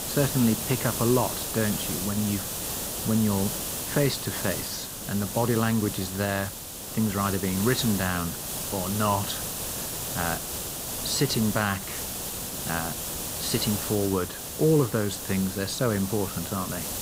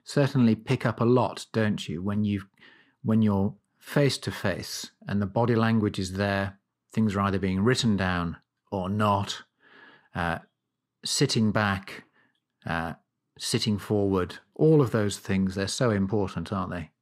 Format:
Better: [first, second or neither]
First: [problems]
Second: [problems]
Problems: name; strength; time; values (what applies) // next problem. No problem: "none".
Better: second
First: hiss; loud; throughout; 3 dB below the speech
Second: none